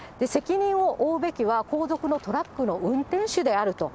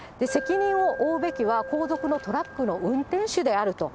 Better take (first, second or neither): first